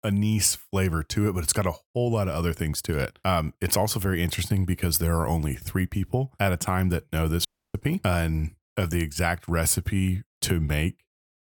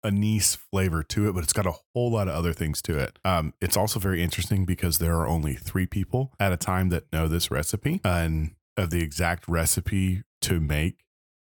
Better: second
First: audio cutting out; at 7.5 s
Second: none

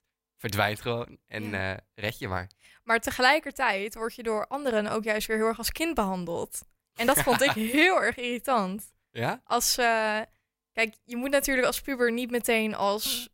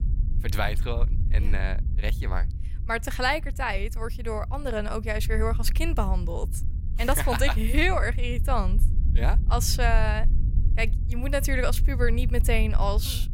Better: first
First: none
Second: low rumble; noticeable; throughout; 15 dB below the speech

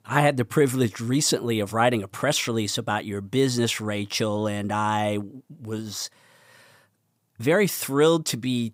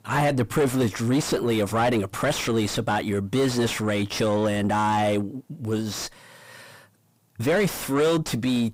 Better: first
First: none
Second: distortion; heavy; 5 dB below the speech

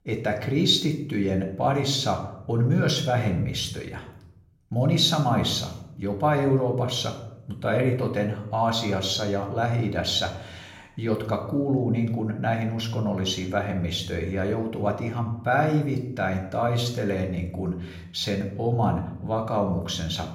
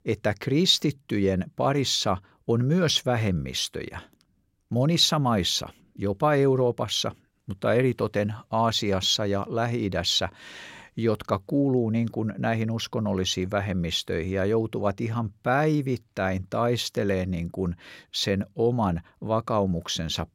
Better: second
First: room echo; slight; dies away in 0.7 s // off-mic speech; somewhat distant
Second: none

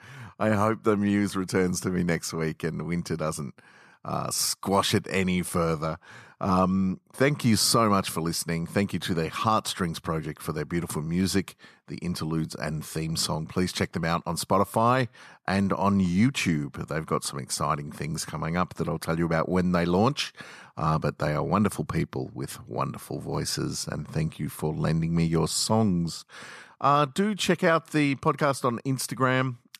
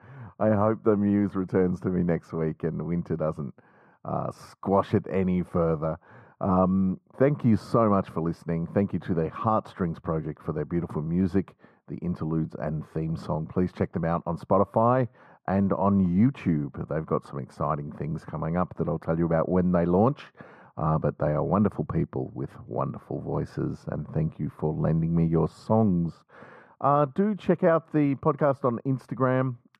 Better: first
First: none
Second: muffled; very; fading above 2.5 kHz

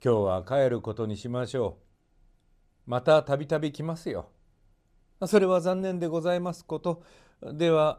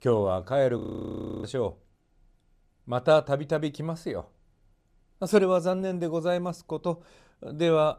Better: first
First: none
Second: audio freezing; at 1 s for 0.5 s

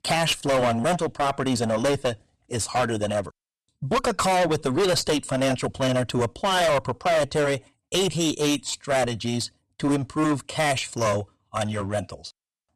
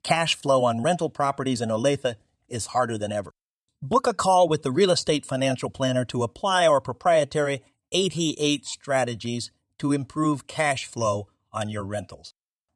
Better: second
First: distortion; heavy; 18% of the sound clipped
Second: none

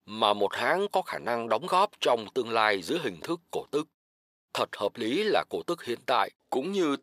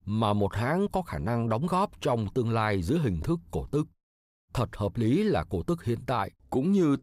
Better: second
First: thin; somewhat; fading below 500 Hz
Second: none

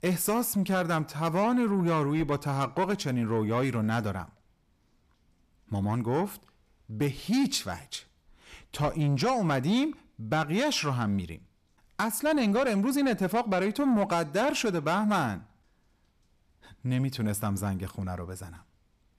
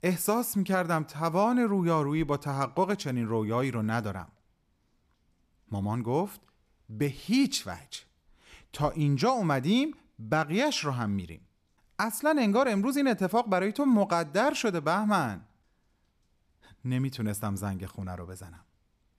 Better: second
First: distortion; slight; 10 dB below the speech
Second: none

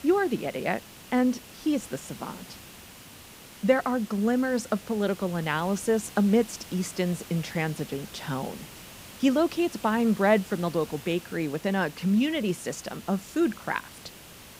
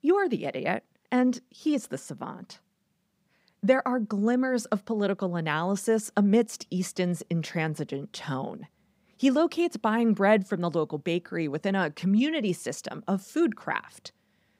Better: second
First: hiss; noticeable; throughout; 15 dB below the speech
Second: none

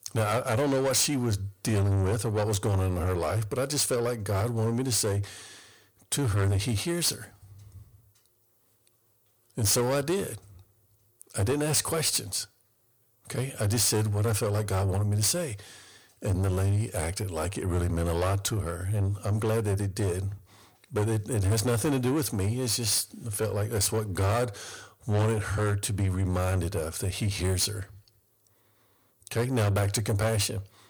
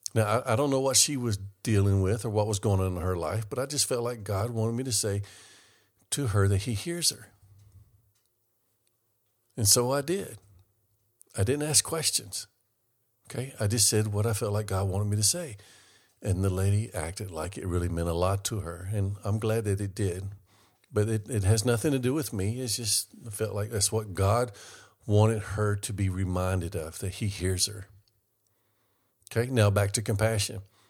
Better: second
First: distortion; heavy; 8 dB below the speech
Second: none

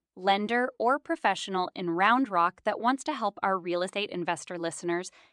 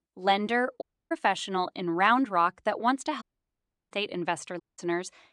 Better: first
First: none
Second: audio cutting out; at 1 s, at 3 s for 0.5 s and at 4.5 s

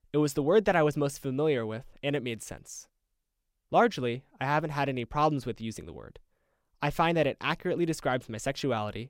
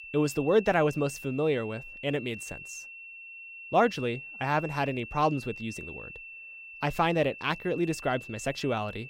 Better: first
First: none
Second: high-pitched whine; noticeable; throughout; 2.5 kHz, 15 dB below the speech

